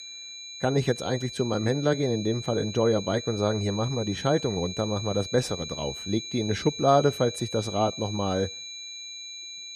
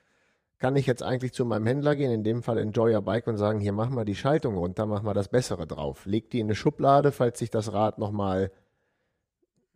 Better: second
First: high-pitched whine; loud; throughout; 4 kHz, 9 dB below the speech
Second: none

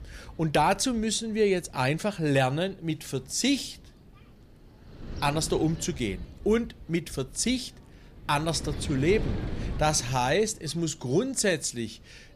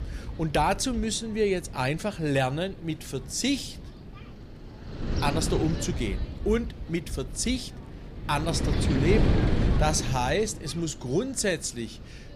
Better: first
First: wind noise on the microphone; occasional gusts; 20 dB below the speech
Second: wind noise on the microphone; heavy; 8 dB below the speech

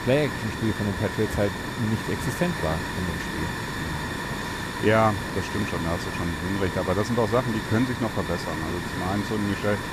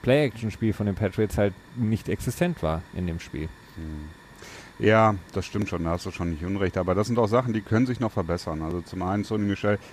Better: second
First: hiss; loud; throughout; 3 dB below the speech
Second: hiss; faint; throughout; 25 dB below the speech

